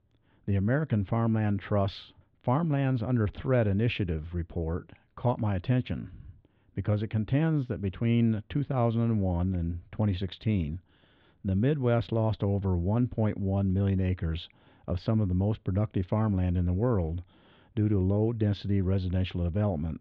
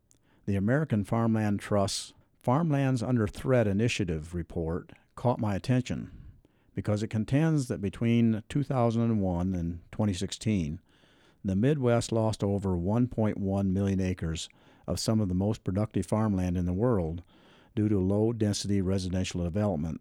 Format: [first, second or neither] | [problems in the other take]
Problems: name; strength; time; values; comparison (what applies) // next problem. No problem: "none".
second | muffled; very; fading above 3.5 kHz